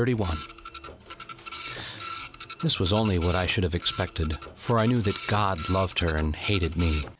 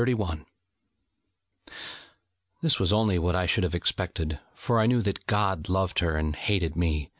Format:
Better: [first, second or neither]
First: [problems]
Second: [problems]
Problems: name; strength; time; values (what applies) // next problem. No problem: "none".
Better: second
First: background sound (Printer); 13 dB below the speech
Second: none